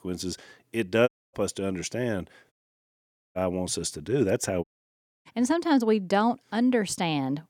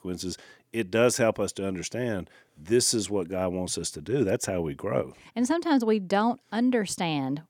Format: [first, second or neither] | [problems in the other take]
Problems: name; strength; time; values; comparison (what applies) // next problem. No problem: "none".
second | audio cutting out; at 1 s, at 2.5 s for 1 s and at 4.5 s for 0.5 s